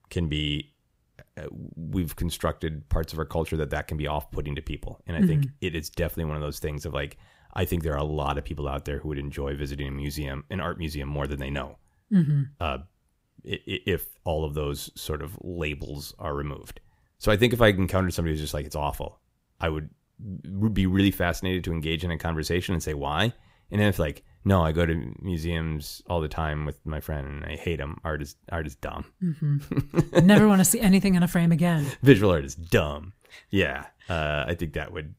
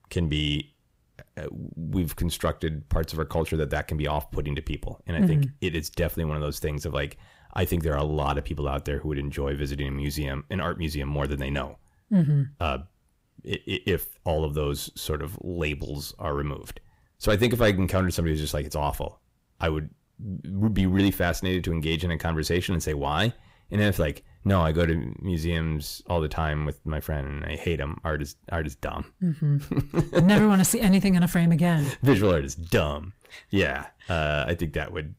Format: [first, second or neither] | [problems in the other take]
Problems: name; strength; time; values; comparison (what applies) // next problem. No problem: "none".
first | distortion; slight; 10 dB below the speech